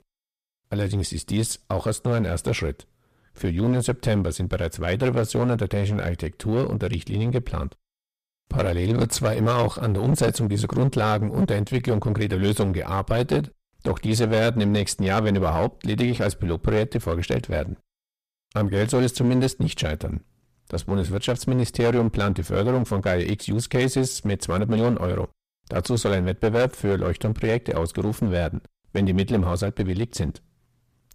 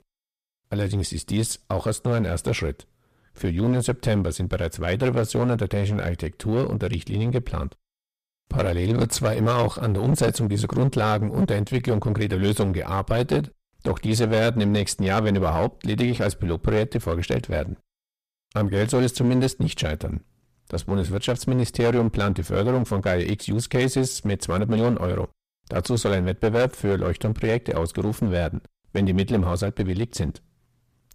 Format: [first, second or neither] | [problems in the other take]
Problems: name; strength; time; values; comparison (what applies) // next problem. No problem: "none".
neither | distortion; heavy; 10% of the sound clipped; the same in both